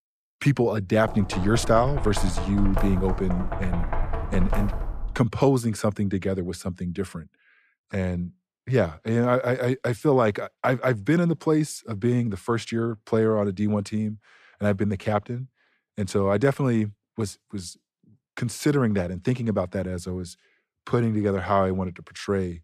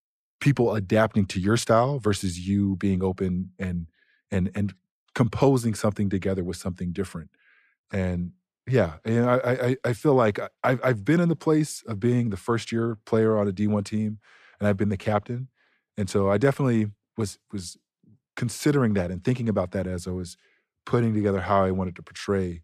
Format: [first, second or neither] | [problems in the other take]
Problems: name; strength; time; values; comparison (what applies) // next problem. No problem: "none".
second | door banging; noticeable; from 1 to 5 s; peak 4 dB below the speech